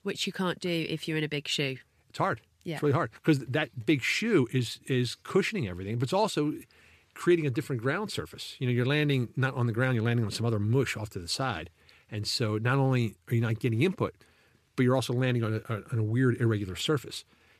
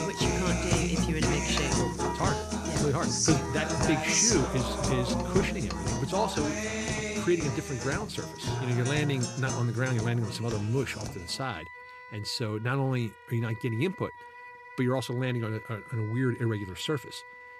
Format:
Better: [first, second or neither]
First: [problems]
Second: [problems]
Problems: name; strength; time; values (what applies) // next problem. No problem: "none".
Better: first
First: none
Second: background music; very loud; throughout; 1 dB above the speech